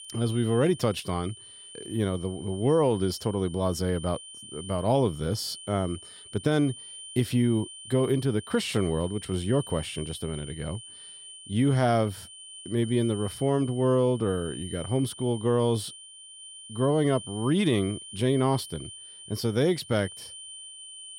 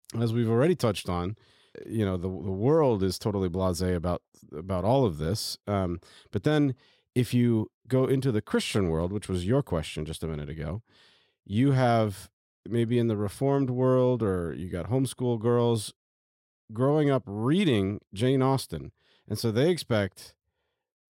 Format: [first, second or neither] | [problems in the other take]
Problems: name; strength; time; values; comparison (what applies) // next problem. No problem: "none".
second | high-pitched whine; noticeable; throughout; 3 kHz, 15 dB below the speech